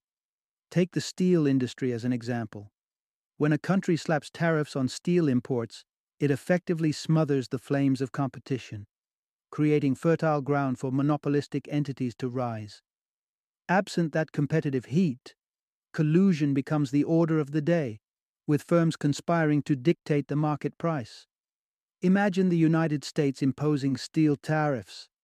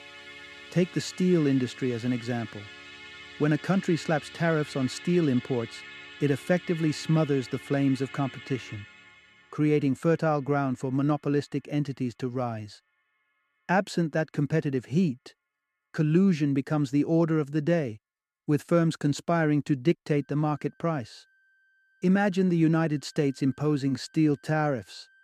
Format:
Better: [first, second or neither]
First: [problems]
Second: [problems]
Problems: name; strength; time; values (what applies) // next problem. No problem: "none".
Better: first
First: none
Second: background music; noticeable; throughout; 15 dB below the speech